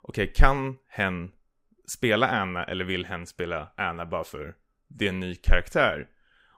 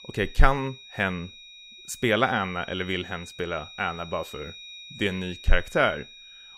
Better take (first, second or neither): first